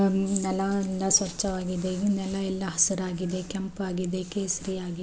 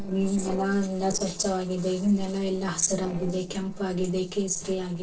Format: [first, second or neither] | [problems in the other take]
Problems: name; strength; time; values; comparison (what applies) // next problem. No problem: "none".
first | noise reduction (neural separator model SepFormer DNS4)